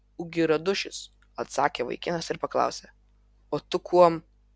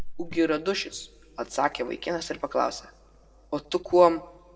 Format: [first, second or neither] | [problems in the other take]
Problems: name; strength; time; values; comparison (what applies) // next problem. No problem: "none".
first | background sound (Cricket); 15 dB below the speech // room echo; dies away in 1.5 s